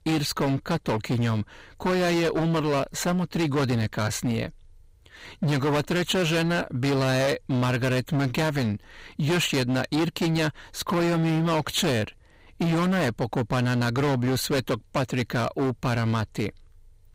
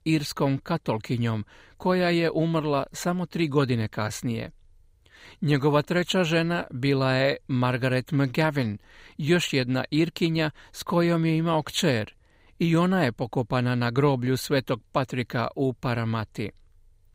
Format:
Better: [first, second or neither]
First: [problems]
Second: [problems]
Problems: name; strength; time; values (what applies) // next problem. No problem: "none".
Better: second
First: distortion; heavy; 22% of the sound clipped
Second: none